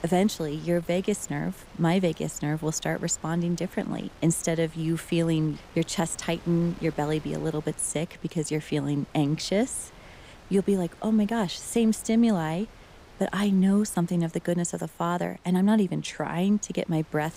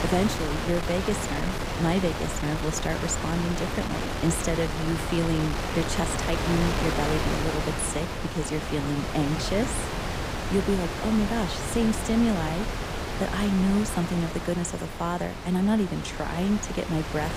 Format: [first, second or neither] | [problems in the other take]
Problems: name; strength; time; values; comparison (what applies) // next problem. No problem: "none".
first | wind noise on the microphone; heavy; as loud as the speech; occasional gusts in the first